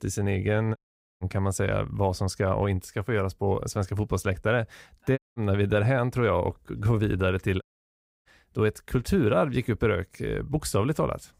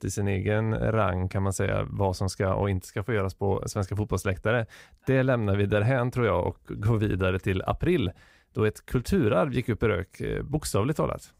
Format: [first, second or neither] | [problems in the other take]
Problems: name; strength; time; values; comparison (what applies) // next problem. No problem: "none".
second | audio cutting out; at 1 s, at 5 s and at 7.5 s for 0.5 s